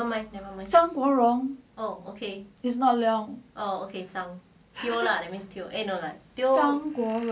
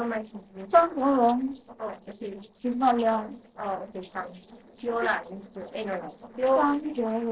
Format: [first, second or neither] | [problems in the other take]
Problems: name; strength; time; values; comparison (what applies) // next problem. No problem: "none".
first | noise reduction (neural separator model SepFormer DNS4)